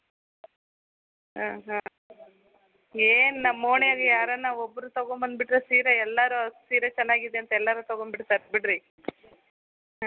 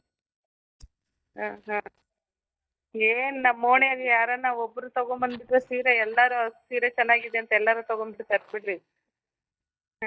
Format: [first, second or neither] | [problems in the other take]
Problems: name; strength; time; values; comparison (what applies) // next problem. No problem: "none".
first | noise reduction (neural mask model DeepFilterNet 3)